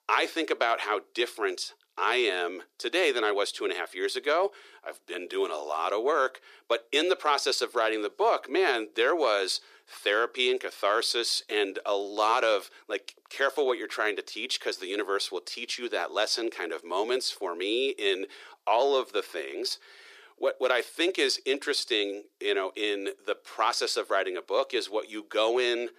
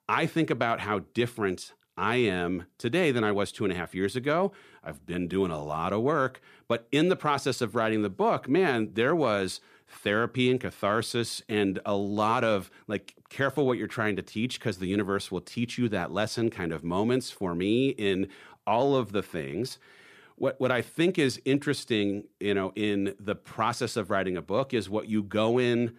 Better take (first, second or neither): second